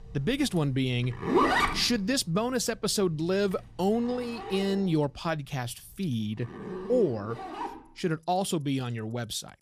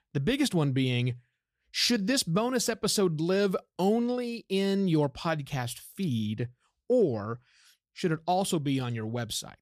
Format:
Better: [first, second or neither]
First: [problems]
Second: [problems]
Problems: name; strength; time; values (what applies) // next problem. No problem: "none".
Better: second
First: household noises; loud; throughout; 2 dB below the speech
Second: none